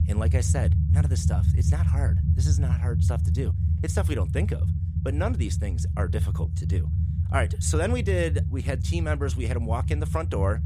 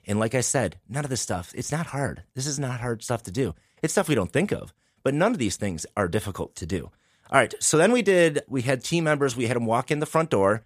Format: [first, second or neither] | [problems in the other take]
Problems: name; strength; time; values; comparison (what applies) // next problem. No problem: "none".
second | low rumble; loud; throughout; 7 dB below the speech